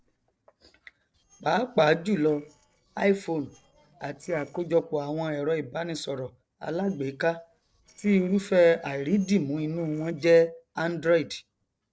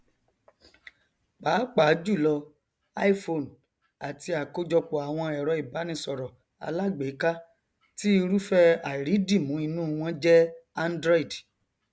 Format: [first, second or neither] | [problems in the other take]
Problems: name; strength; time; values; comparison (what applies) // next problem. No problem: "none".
second | noise reduction (neural separator model SepFormer DNS4)